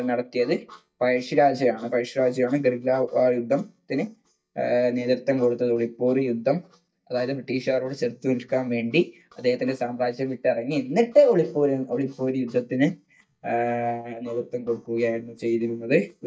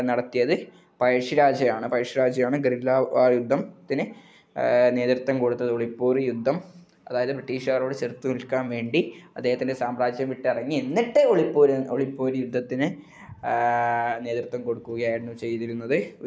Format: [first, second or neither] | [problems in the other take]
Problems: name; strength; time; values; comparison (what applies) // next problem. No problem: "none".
second | noise reduction (neural mask model DeepFilterNet 3)